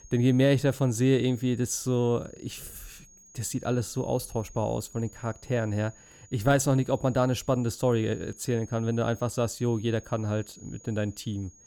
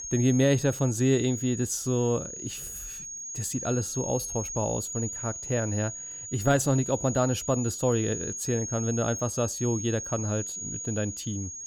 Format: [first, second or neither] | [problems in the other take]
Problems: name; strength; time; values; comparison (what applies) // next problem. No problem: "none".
first | high-pitched whine; loud; throughout; 6.5 kHz, 6 dB below the speech; faint in the first